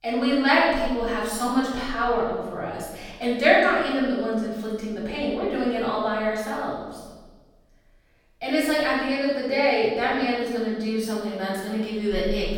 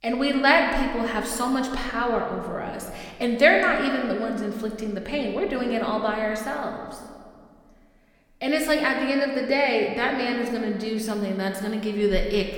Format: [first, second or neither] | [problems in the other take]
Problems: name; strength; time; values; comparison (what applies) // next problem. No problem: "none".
second | room echo; strong; dies away in 1.2 s; slight in the second // off-mic speech; far